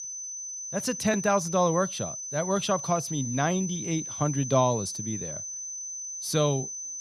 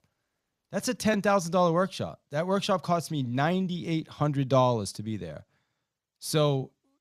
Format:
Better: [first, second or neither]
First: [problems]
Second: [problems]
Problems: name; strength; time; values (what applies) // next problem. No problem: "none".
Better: second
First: high-pitched whine; loud; throughout; 6 kHz, 6 dB below the speech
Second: none